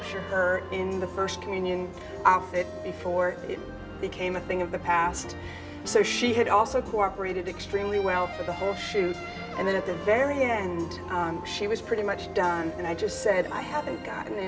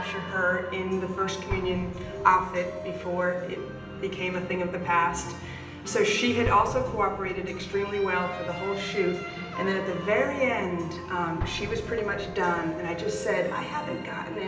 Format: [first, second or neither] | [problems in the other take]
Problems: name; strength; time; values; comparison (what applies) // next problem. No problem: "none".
first | background sound (Explosion); 15 dB below the speech // room echo; dies away in 0.9 s